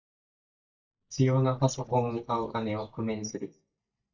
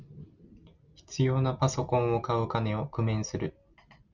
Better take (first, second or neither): second